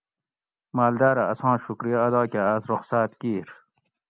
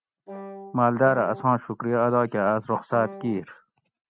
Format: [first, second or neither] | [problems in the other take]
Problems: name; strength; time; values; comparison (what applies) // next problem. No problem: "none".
first | noise reduction (neural mask model RNNoise)